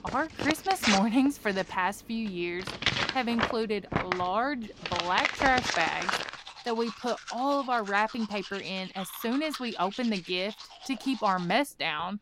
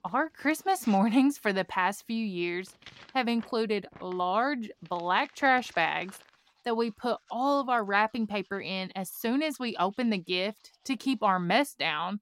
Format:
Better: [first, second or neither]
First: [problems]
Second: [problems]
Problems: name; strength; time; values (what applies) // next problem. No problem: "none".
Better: second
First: household noises; loud; throughout; 4 dB below the speech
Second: household noises; faint; throughout; 25 dB below the speech